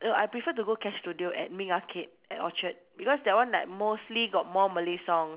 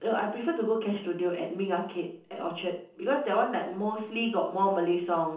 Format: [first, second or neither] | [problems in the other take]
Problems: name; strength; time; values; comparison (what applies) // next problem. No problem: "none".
first | room echo; dies away in 0.6 s